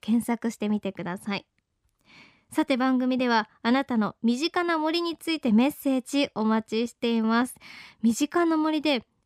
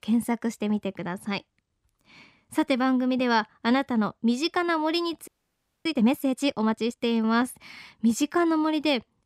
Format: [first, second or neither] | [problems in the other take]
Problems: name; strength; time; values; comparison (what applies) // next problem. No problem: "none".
first | audio freezing; at 5.5 s for 0.5 s